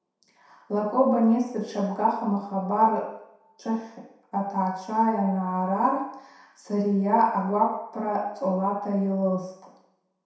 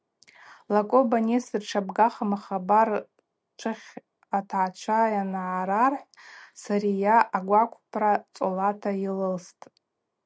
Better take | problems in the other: second | room echo; dies away in 0.7 s

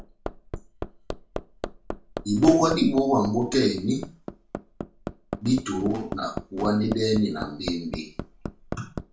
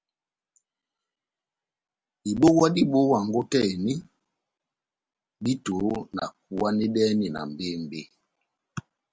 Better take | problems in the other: second | background sound (Hammer); 10 dB below the speech // room echo; dies away in 0.3 s

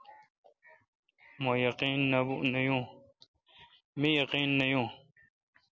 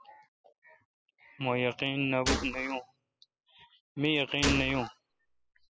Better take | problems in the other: first | noise reduction (classical method spectral subtraction)

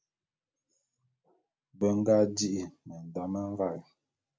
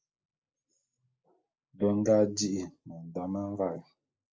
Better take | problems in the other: first | noise reduction (neural mask model Resemble Enhance denoiser)

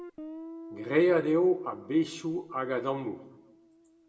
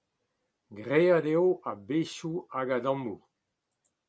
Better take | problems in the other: second | background sound (Guitar); 17 dB below the speech // room echo; dies away in 0.8 s

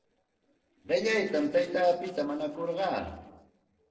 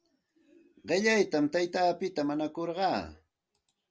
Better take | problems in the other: second | noise reduction (neural separator model SepFormer DNS4)

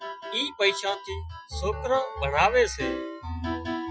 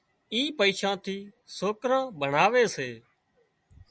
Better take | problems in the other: second | noise reduction (classical method Wiener filter)

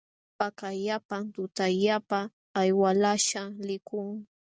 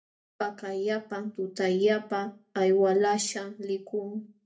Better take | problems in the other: first | room echo; dies away in 0.3 s

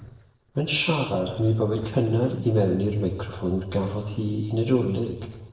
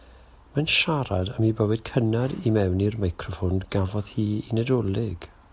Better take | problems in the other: second | noise reduction (neural separator model SepFormer DNS4)

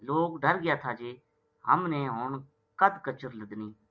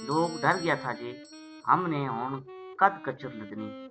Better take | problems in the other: first | background sound (Doorbell + Wind instrument, woodwind instrument); 14 dB below the speech

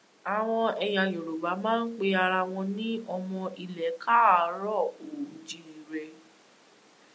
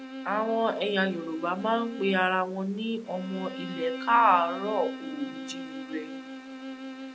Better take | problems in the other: first | background sound (Bowed string instrument); 11 dB below the speech

